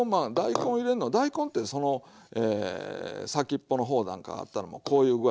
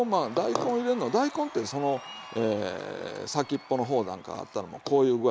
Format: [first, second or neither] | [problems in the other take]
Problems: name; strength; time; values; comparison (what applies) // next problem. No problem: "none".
first | background sound (Cheering); 18 dB below the speech